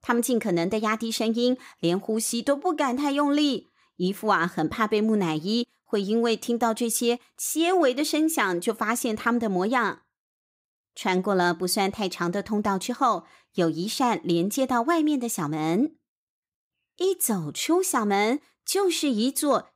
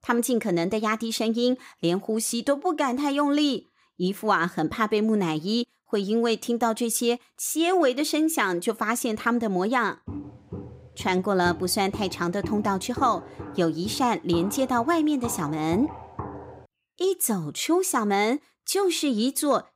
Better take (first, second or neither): first